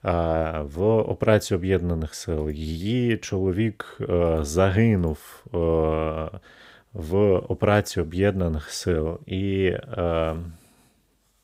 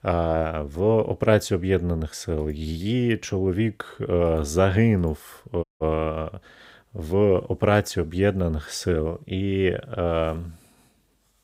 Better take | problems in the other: first | audio cutting out; at 5.5 s

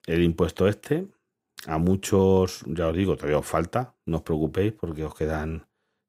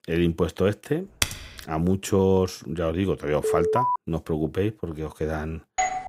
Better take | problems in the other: first | keyboard typing; noticeable; at 1 s; peak 1 dB below the speech // alarm; loud; at 3.5 s; peak 3 dB above the speech // doorbell; noticeable; at 6 s; peak 1 dB below the speech

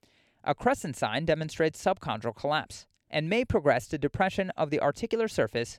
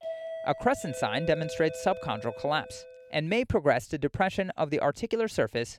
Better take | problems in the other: first | doorbell; noticeable; until 3 s; peak 8 dB below the speech

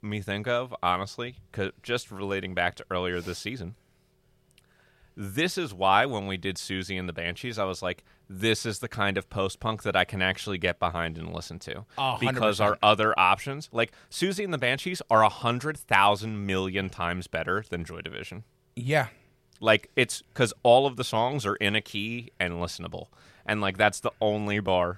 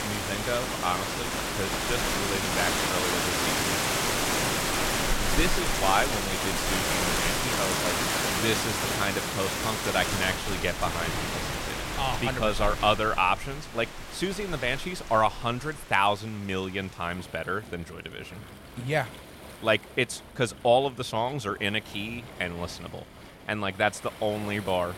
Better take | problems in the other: first | rain or running water; very loud; throughout; 2 dB above the speech

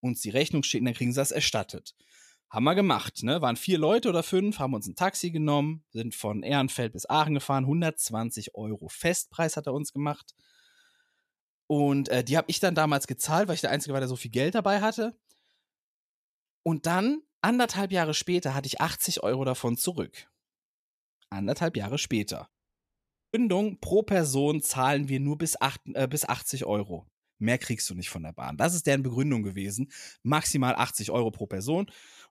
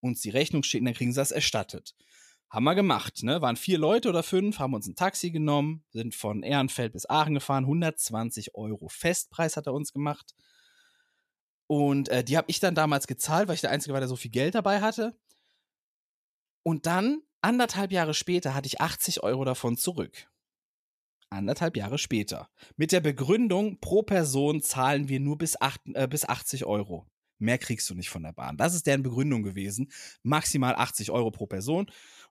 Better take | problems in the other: second | audio cutting out; at 23 s for 1 s

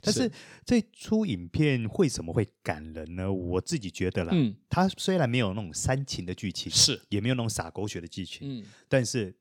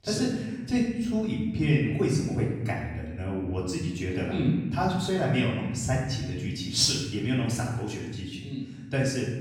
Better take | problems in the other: first | off-mic speech; far // room echo; noticeable; dies away in 1.2 s

